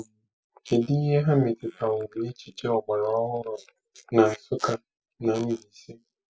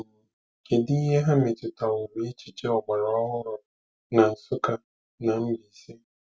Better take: second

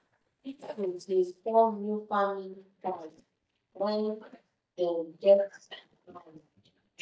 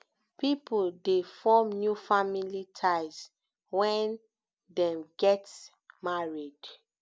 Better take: second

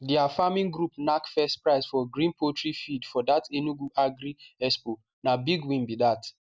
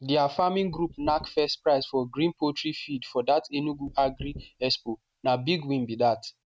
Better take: first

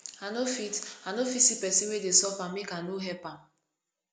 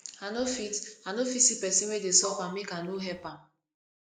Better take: first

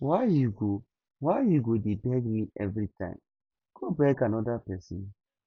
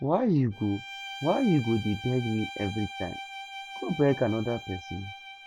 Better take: first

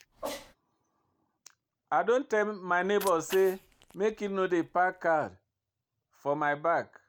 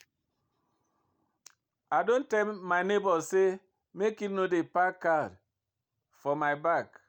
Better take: second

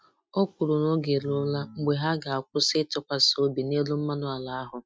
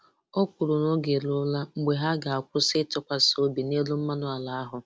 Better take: second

